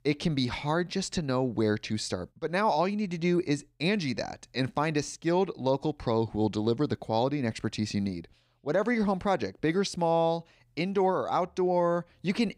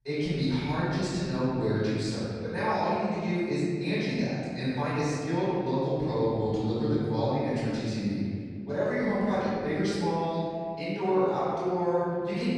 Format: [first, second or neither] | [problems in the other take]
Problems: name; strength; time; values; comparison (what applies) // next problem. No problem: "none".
first | off-mic speech; far // room echo; strong; dies away in 2.3 s